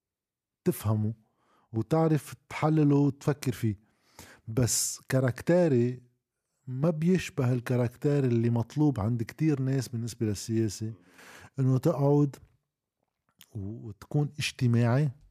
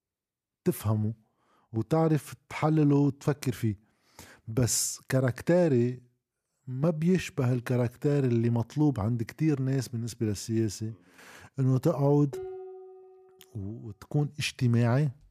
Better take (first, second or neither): first